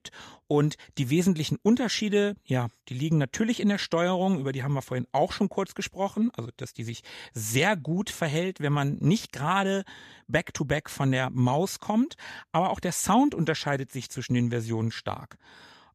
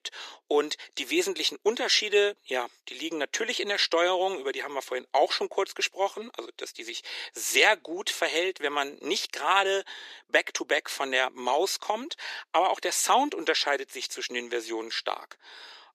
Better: first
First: none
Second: thin; very; fading below 350 Hz

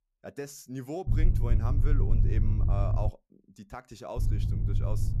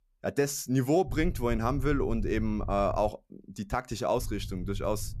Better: second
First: low rumble; loud; from 1 to 3 s and from 4 s on; 3 dB below the speech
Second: low rumble; faint; from 1 to 3 s and from 4 s on; 25 dB below the speech

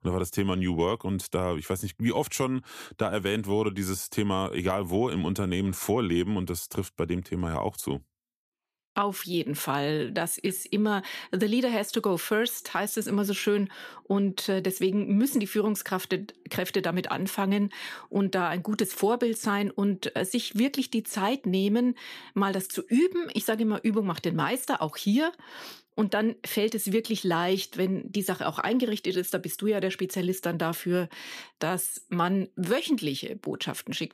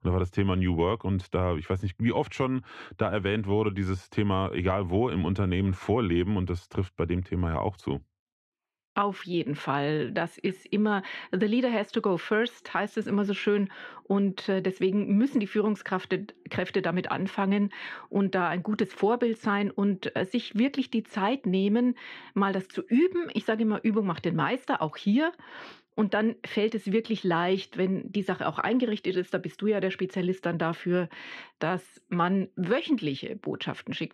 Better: first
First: none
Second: muffled; slightly; fading above 2.5 kHz

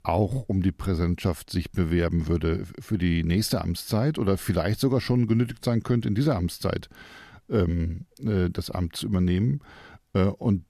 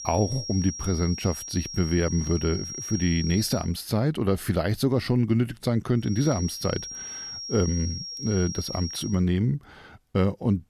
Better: first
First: none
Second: high-pitched whine; loud; until 3.5 s and from 6 to 9 s; 5.5 kHz, 8 dB below the speech

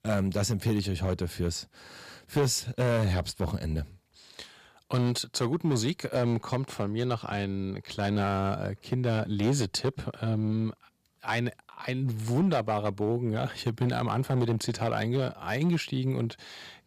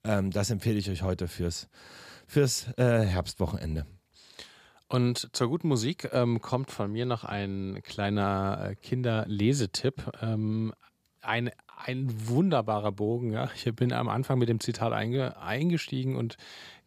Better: second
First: distortion; slight; 5% of the sound clipped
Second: none

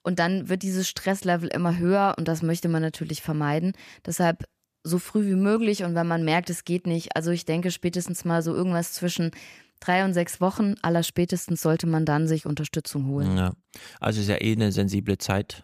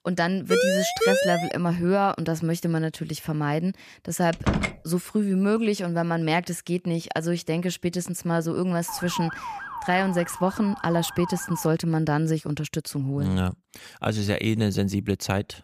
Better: first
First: none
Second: siren; loud; until 1.5 s; peak 4 dB above the speech // door banging; loud; at 4.5 s; peak level with the speech // siren; noticeable; from 9 to 12 s; peak 7 dB below the speech

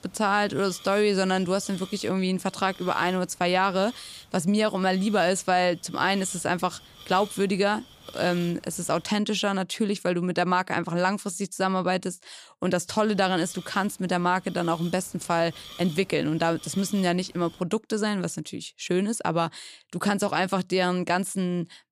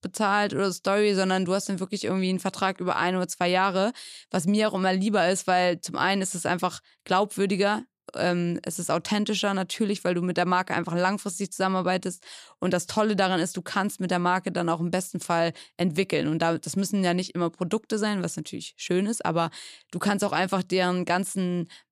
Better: second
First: hiss; faint; until 9 s and from 13 to 18 s; 20 dB below the speech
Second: none

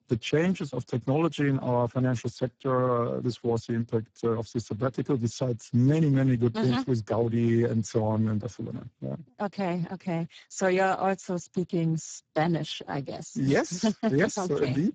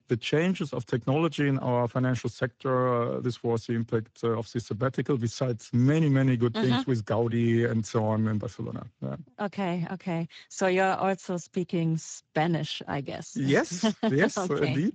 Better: second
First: garbled, watery; badly; nothing above 7.5 kHz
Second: garbled, watery; slightly; nothing above 7.5 kHz

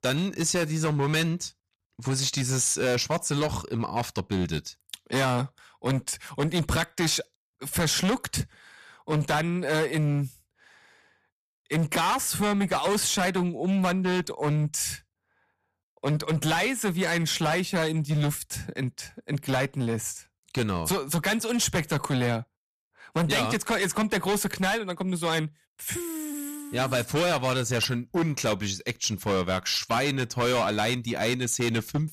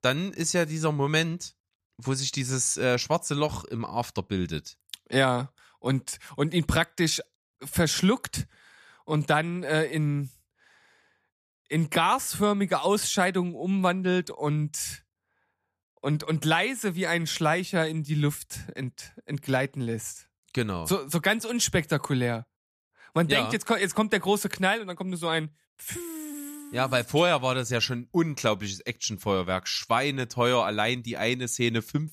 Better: second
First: distortion; heavy; 13% of the sound clipped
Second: none

